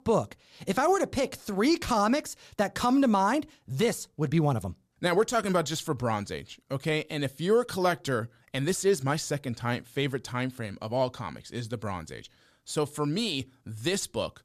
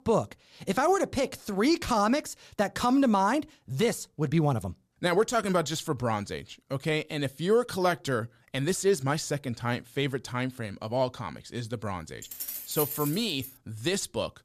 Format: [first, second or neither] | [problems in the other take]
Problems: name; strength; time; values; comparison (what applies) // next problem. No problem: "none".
first | jangling keys; noticeable; from 12 to 13 s; peak 3 dB below the speech